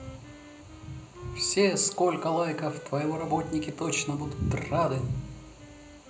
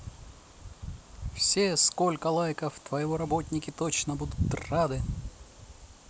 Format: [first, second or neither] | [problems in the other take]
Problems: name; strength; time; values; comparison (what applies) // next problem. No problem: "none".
second | background sound (Wind instrument, woodwind instrument); 16 dB below the speech // room echo; dies away in 0.5 s